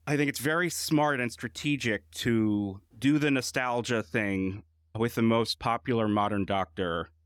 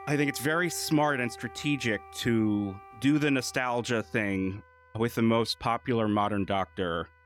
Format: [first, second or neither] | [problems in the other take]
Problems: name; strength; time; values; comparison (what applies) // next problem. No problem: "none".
first | background music; faint; throughout; 20 dB below the speech